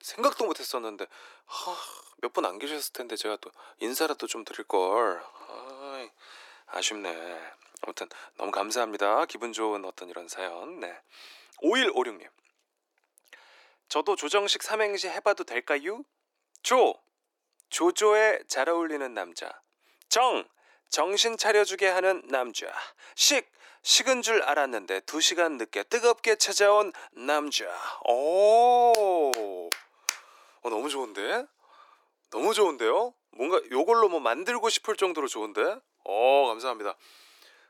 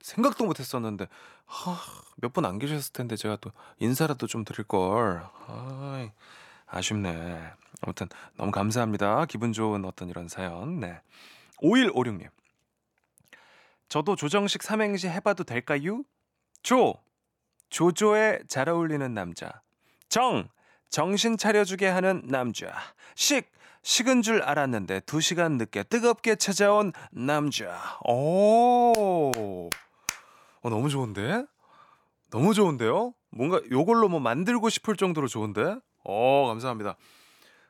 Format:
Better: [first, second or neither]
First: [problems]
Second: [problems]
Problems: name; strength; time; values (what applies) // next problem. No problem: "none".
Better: second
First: thin; very; fading below 350 Hz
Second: none